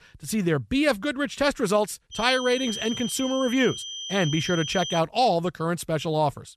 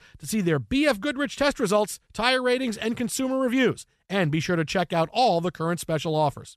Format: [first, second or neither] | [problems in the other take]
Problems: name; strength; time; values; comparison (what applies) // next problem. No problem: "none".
second | high-pitched whine; loud; from 2 to 5 s; 3 kHz, 8 dB below the speech